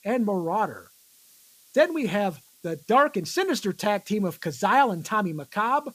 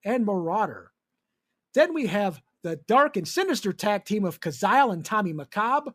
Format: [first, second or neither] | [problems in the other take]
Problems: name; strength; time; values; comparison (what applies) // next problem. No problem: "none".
second | hiss; faint; throughout; 30 dB below the speech